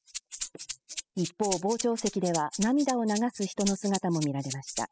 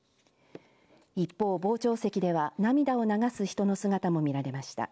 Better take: second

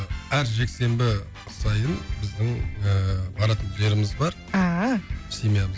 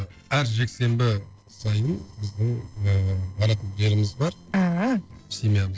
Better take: first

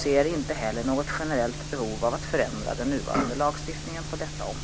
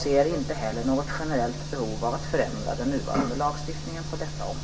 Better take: first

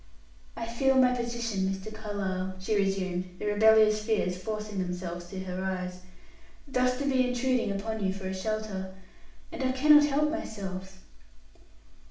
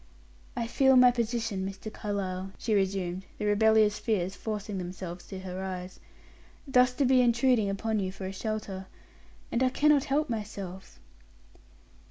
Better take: second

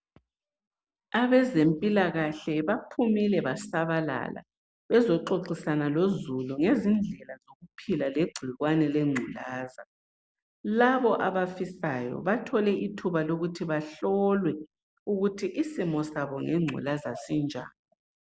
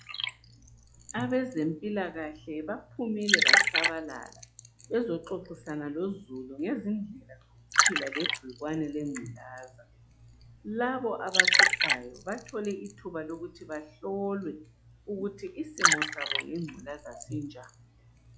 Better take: first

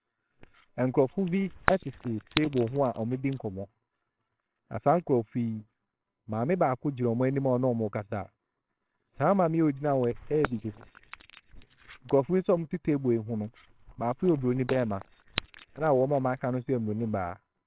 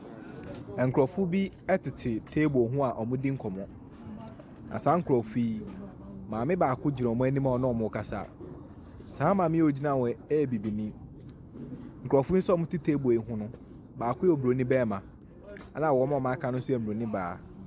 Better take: second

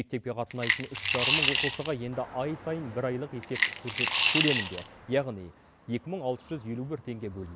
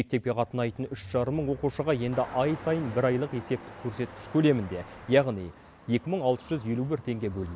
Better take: second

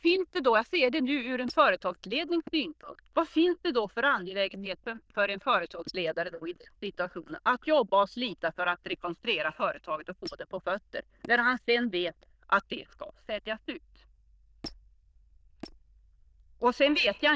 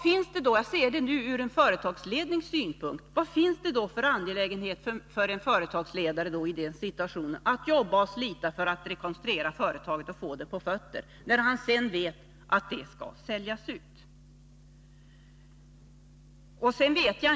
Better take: second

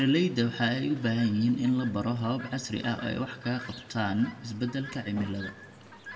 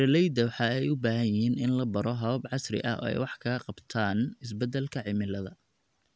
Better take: second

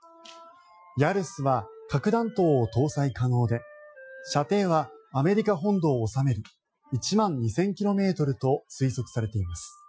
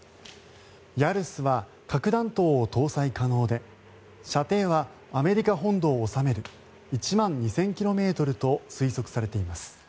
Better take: second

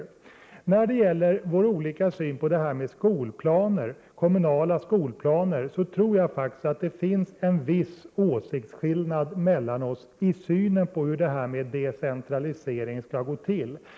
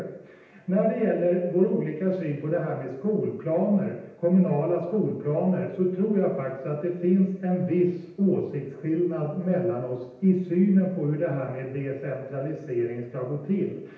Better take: first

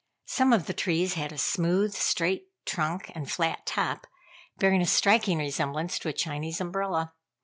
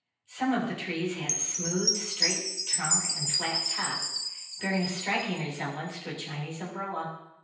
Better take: first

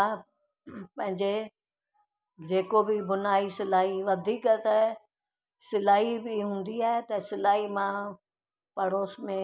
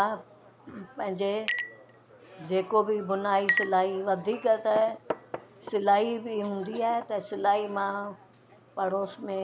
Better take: first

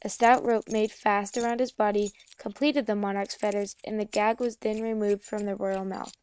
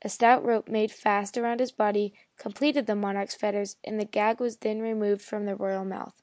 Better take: second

